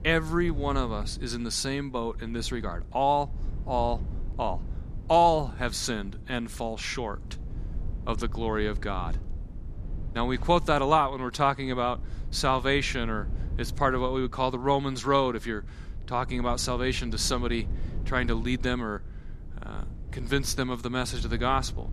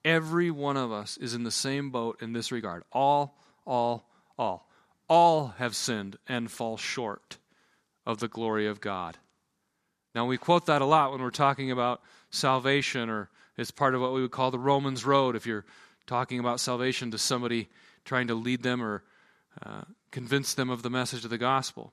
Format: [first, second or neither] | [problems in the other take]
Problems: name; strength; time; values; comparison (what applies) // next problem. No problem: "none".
second | low rumble; faint; throughout; 25 dB below the speech